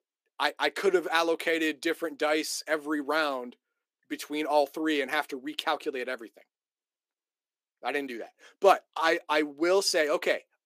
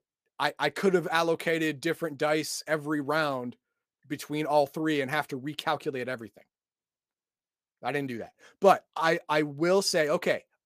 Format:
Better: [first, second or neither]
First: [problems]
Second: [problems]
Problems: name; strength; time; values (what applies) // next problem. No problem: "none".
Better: second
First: thin; very slightly; fading below 300 Hz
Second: none